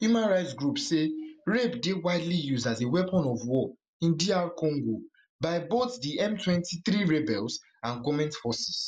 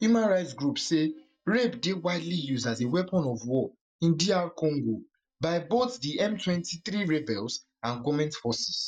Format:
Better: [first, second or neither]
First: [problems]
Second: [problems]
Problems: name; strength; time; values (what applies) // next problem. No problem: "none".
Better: first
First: none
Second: noise reduction (neural mask model DeepFilterNet 3)